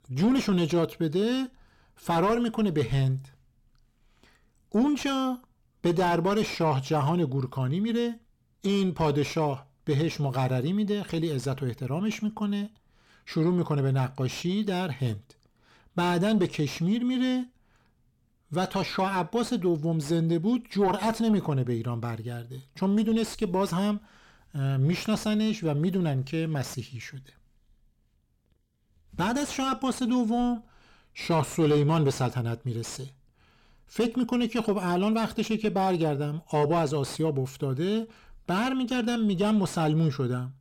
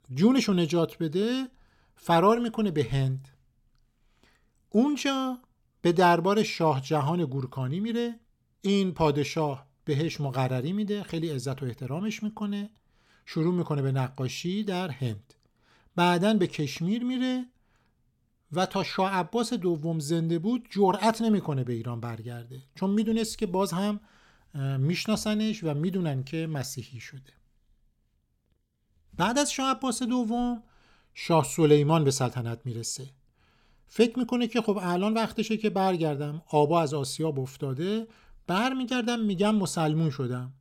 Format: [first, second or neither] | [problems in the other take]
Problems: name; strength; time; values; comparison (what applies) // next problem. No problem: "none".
second | distortion; slight; 10 dB below the speech